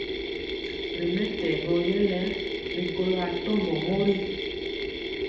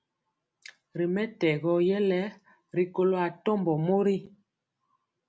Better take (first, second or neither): second